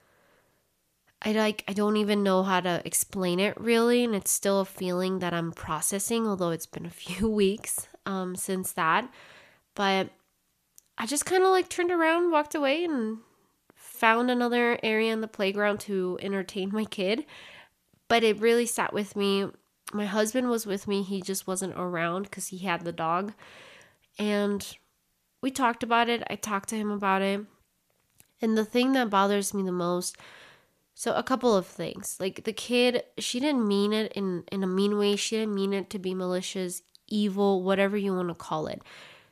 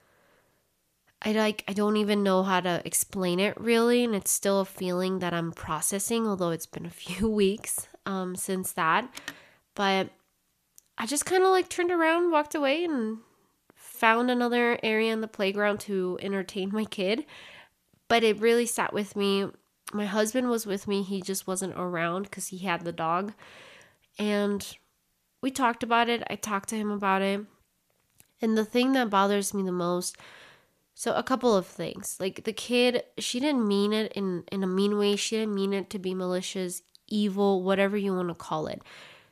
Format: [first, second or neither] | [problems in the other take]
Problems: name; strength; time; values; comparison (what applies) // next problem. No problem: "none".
first | phone ringing; faint; at 9 s; peak 15 dB below the speech